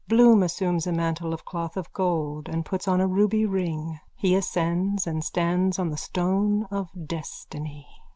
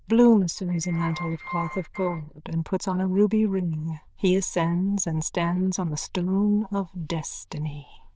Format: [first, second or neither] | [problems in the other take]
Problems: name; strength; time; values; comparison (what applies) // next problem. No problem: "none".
first | noise reduction (neural diffusion model UNIVERSE++)